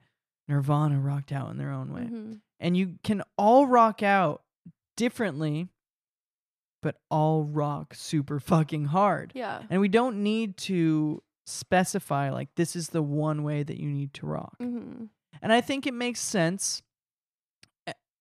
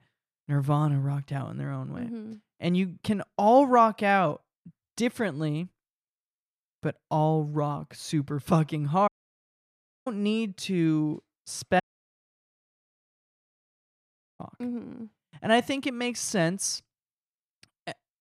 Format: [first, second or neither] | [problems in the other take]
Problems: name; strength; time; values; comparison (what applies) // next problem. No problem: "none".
first | audio cutting out; at 9 s for 1 s and at 12 s for 2.5 s